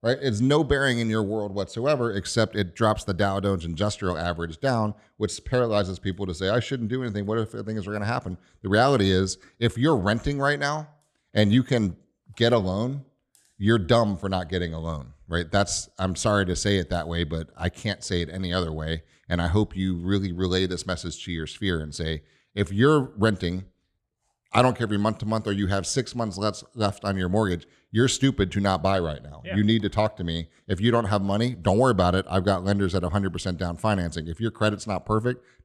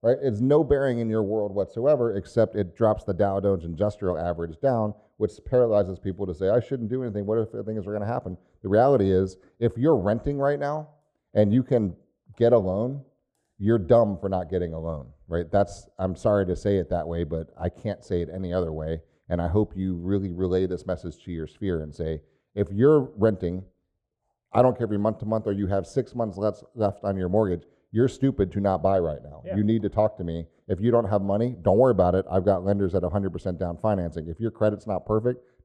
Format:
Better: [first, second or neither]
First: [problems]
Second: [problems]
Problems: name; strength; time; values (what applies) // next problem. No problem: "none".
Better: first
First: none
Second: muffled; very; fading above 1.5 kHz